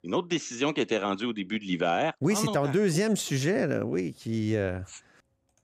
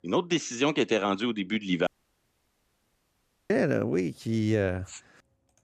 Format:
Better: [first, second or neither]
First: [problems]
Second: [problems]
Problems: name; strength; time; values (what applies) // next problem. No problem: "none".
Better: first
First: none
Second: audio cutting out; at 2 s for 1.5 s